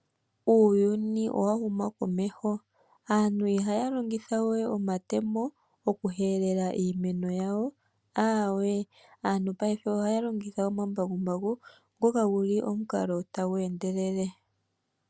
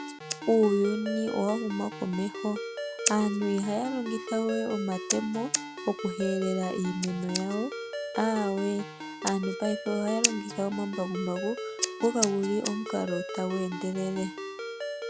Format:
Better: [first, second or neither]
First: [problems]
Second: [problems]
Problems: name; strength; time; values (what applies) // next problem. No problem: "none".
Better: first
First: none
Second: background sound (Scissors + Ringtone); 5 dB below the speech